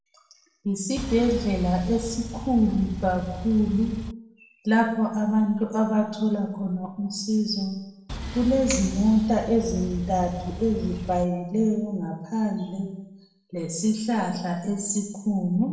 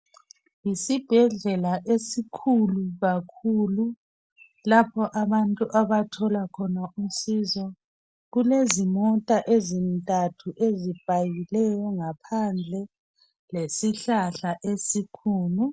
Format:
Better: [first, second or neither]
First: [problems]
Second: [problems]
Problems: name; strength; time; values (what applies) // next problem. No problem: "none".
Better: second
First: background sound (Engine); 9 dB below the speech // room echo; dies away in 0.8 s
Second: none